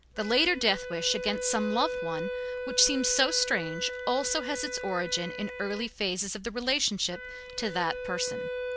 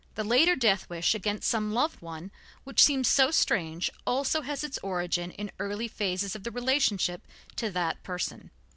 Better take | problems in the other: second | background sound (Wind instrument, woodwind instrument); 7 dB below the speech

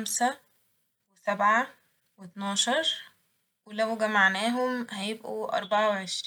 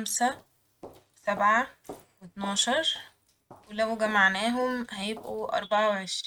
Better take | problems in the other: first | noise reduction (neural mask model RNNoise)

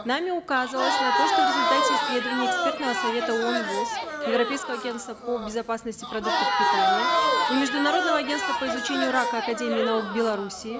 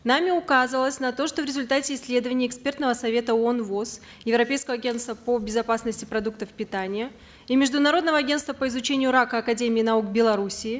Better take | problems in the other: second | background sound (Crowd); 2 dB above the speech

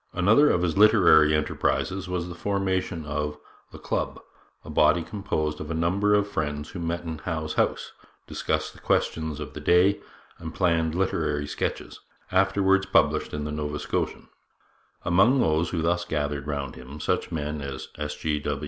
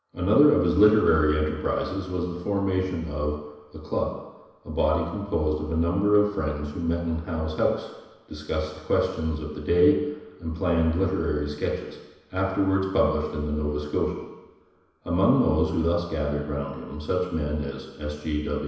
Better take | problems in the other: first | room echo; dies away in 1 s

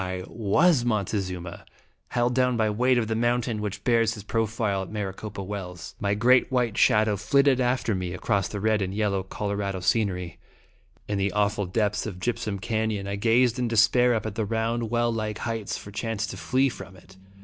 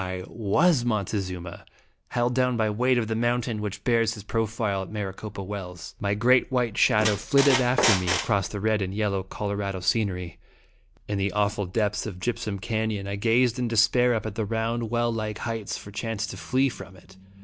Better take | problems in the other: first | background sound (Squeak); 1 dB below the speech

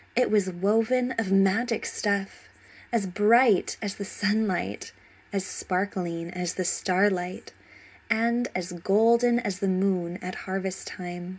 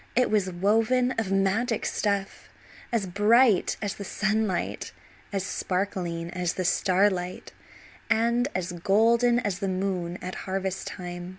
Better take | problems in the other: second | room echo; dies away in 0.3 s

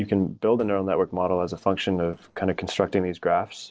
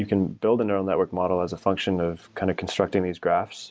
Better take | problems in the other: second | noise reduction (neural separator model SepFormer DNS4)

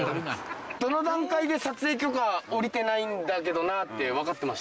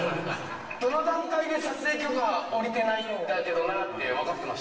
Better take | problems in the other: first | room echo; dies away in 1.1 s

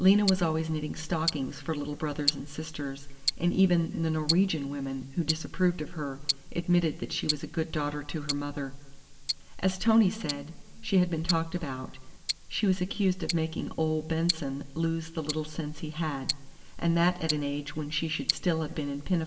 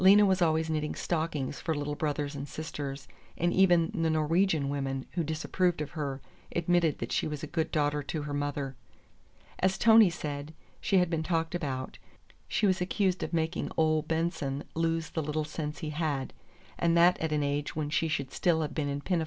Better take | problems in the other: second | background sound (Tick-tock); 10 dB below the speech // room echo; dies away in 1.6 s

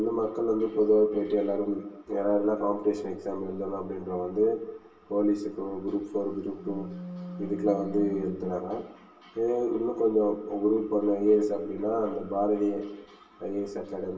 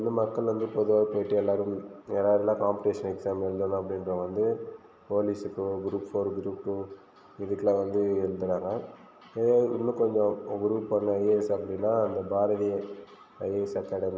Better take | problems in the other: second | background sound (Wind instrument, woodwind instrument); 13 dB below the speech // room echo; dies away in 0.1 s

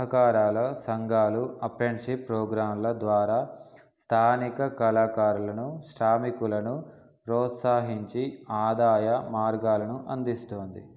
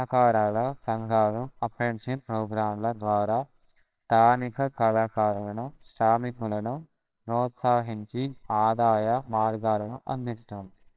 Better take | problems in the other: first | noise reduction (neural separator model SepFormer WHAMR!)

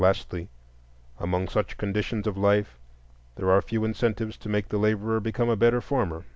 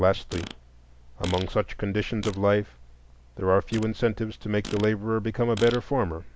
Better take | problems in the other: first | background sound (Fart); 17 dB below the speech

